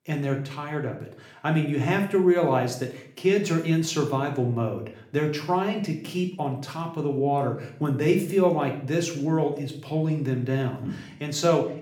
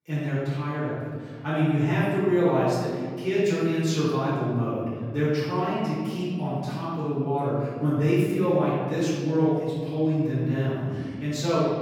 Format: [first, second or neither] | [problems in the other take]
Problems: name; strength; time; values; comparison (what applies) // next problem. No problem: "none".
first | room echo; strong; dies away in 1.9 s; slight in the first // off-mic speech; far; somewhat distant in the first